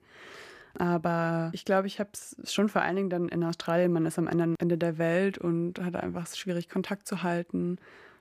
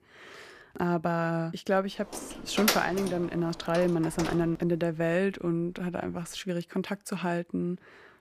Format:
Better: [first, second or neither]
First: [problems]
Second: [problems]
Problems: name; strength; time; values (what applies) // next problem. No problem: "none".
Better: first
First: none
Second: door banging; loud; from 2 to 4.5 s; peak 3 dB above the speech